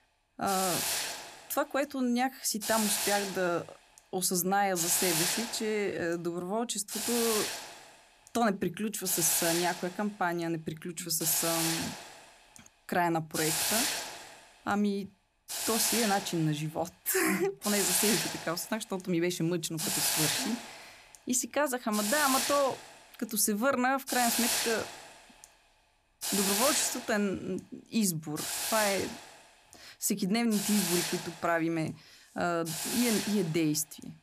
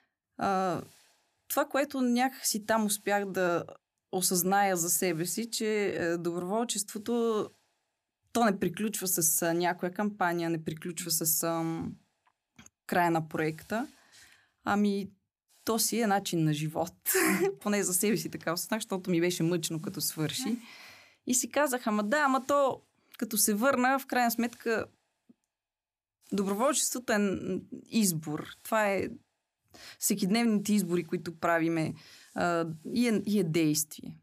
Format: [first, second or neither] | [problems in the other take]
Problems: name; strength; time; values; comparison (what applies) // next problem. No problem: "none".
second | hiss; loud; throughout; as loud as the speech; faint in the second